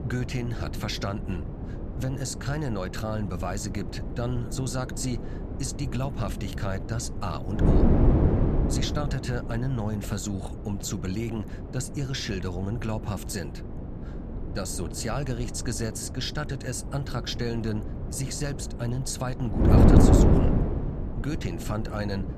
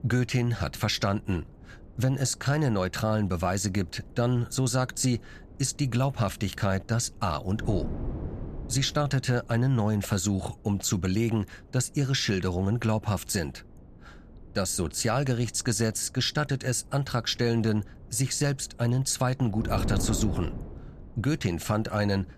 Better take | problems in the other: second | wind noise on the microphone; heavy; 1 dB below the speech; occasional gusts in the second

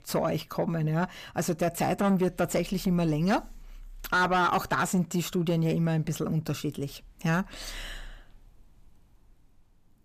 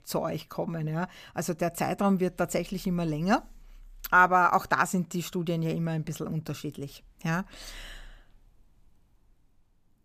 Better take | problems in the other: second | distortion; heavy; 6 dB below the speech

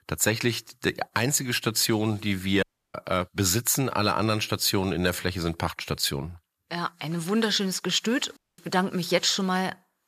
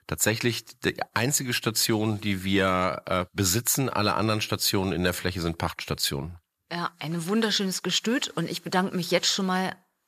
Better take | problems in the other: second | audio cutting out; at 2.5 s and at 8.5 s

